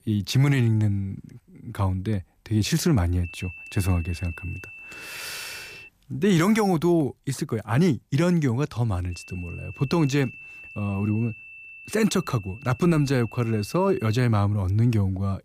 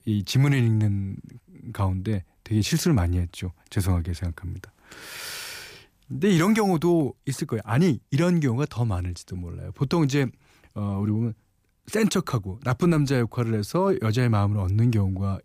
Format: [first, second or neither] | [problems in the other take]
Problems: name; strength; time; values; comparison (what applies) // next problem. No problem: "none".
second | high-pitched whine; noticeable; from 3 to 6 s and from 9 to 14 s; 2.5 kHz, 15 dB below the speech